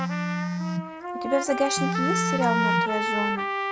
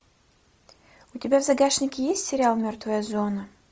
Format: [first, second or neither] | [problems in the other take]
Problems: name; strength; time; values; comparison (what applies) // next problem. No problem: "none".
second | background sound (Telephone + Trumpet); 3 dB above the speech